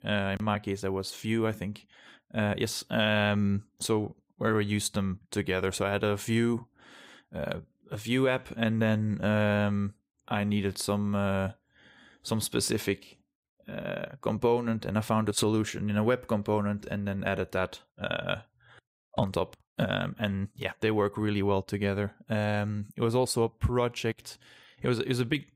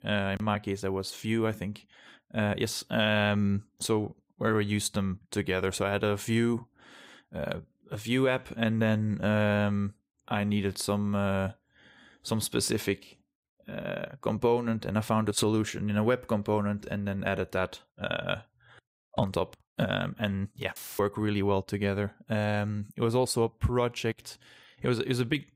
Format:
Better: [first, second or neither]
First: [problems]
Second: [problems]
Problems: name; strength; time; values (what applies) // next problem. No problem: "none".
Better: first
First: none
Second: audio cutting out; filled with static; at 21 s